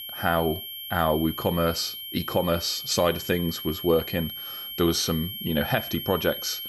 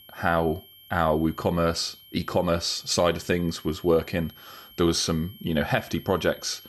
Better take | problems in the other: second | high-pitched whine; loud; throughout; 3 kHz, 8 dB below the speech; faint in the second

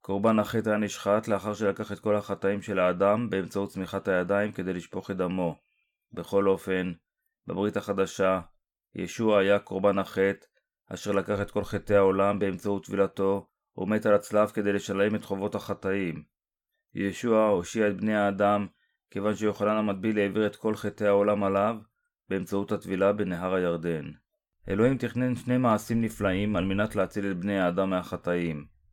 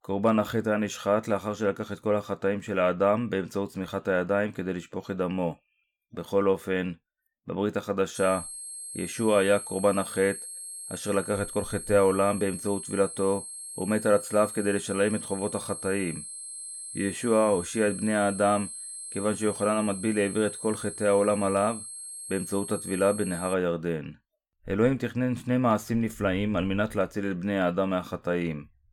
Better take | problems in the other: first | high-pitched whine; loud; from 8 to 24 s; 8.5 kHz, 9 dB below the speech

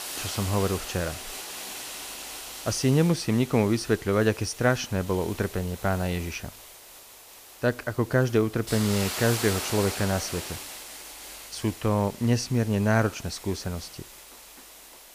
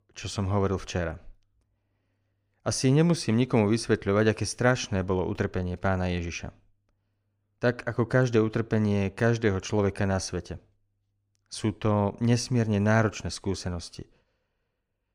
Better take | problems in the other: second | hiss; noticeable; throughout; 10 dB below the speech

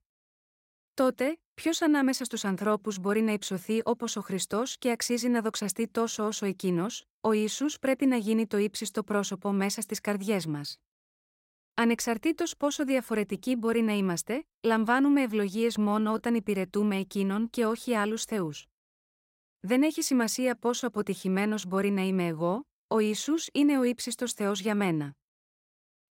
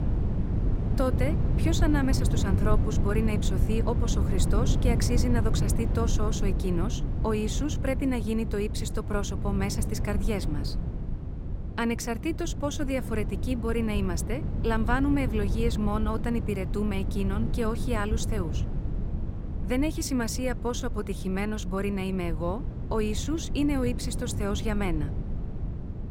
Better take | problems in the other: first | wind noise on the microphone; heavy; 9 dB below the speech

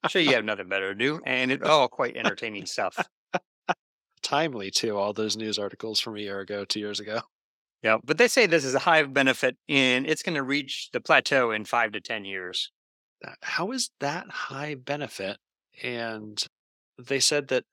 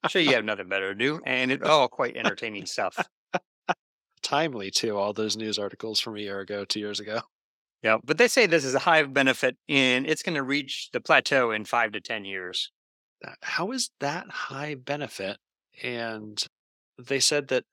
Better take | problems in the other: neither | thin; very slightly; fading below 300 Hz; the same in both

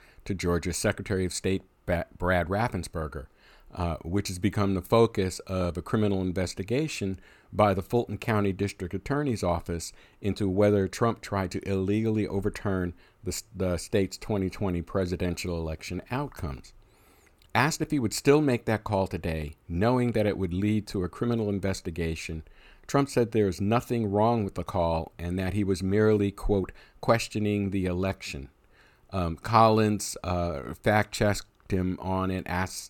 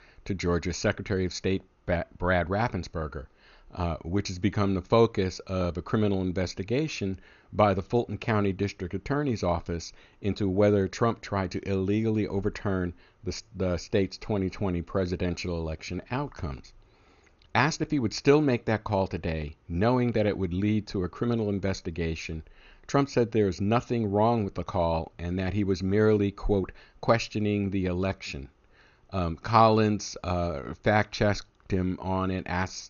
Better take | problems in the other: first | garbled, watery; slightly; nothing above 6.5 kHz

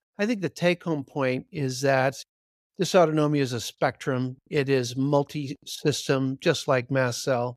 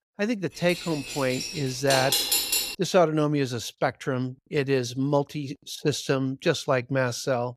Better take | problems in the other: first | clattering dishes; loud; from 0.5 to 3 s; peak 5 dB above the speech

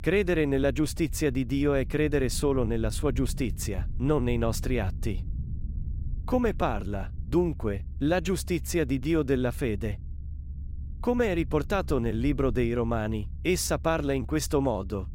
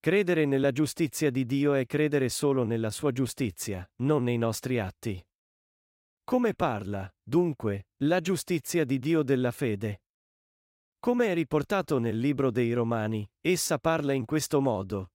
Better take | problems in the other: second | low rumble; faint; throughout; 25 dB below the speech

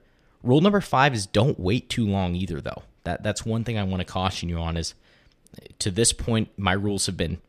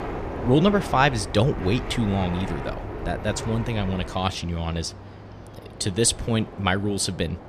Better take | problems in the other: first | train or aircraft noise; noticeable; throughout; 10 dB below the speech

